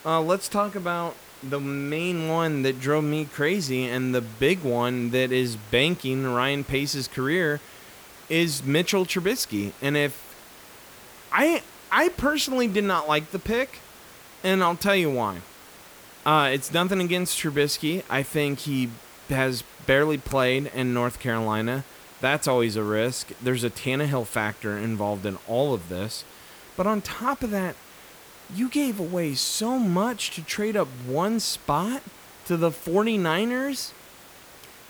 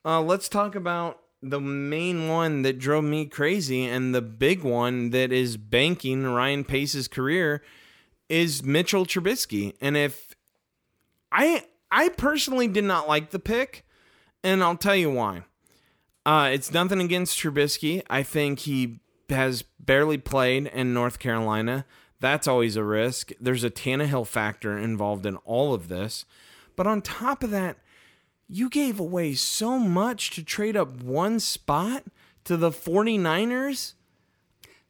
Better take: second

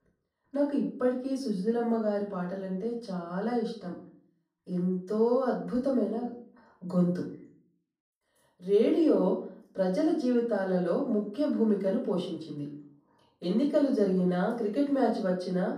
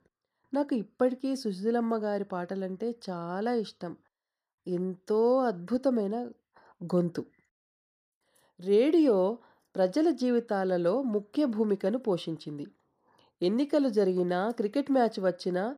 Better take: second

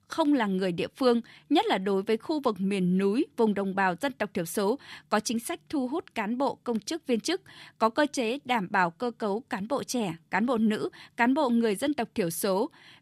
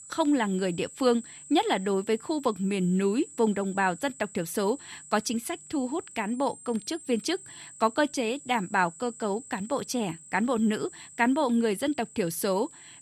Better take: first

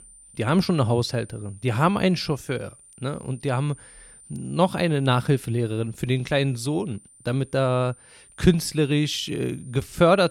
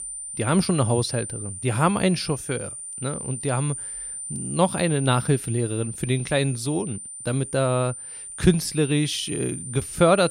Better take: first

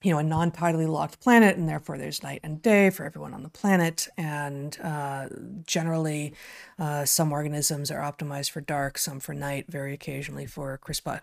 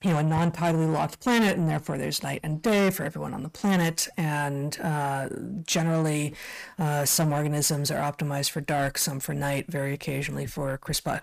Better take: first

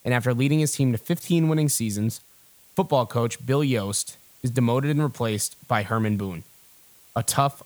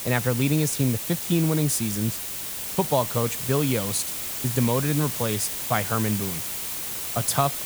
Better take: first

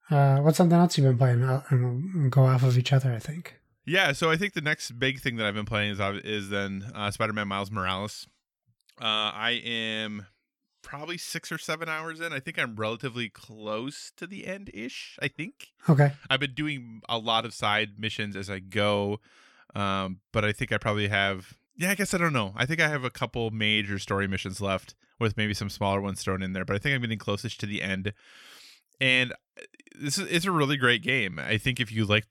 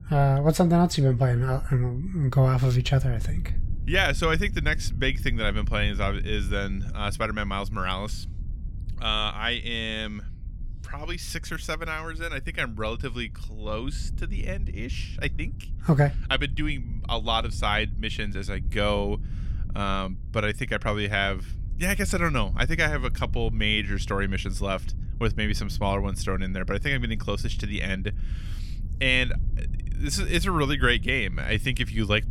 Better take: first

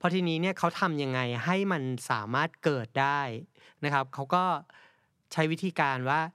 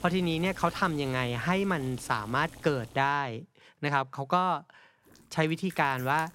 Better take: first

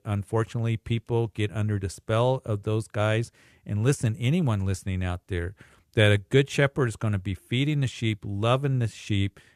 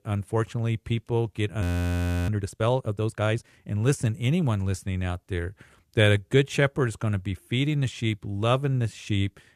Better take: first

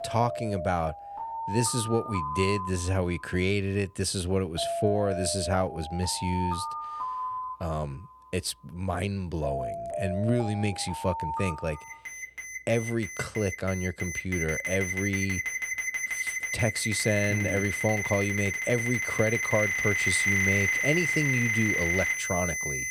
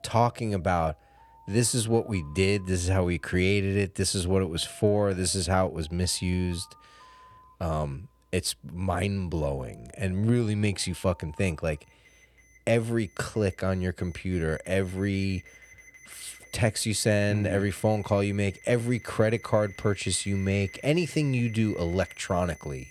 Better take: second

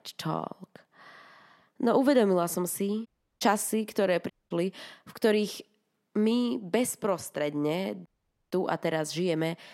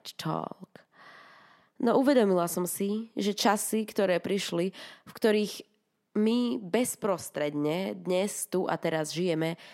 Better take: second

